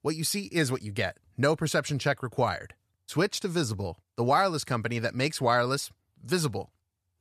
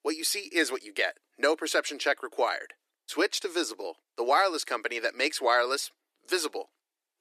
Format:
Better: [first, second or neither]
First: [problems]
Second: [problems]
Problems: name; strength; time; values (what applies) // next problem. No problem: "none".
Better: first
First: none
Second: thin; very; fading below 300 Hz